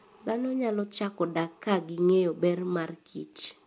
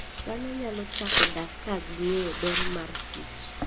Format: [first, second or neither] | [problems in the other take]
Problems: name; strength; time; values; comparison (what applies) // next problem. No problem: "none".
first | background sound (Domestic sounds, home sounds); 2 dB above the speech